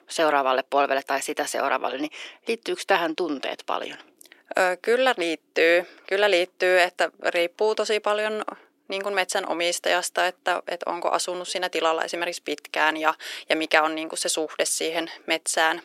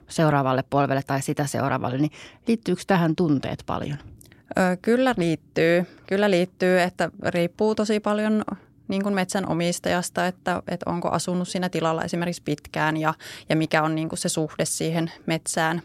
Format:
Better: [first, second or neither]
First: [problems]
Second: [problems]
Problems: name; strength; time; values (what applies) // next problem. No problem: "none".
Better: second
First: thin; very; fading below 350 Hz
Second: none